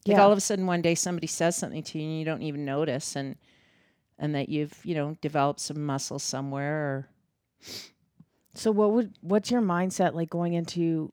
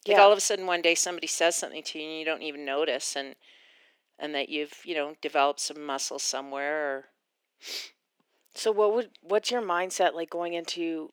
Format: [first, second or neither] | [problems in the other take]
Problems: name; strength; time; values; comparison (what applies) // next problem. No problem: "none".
first | thin; very; fading below 350 Hz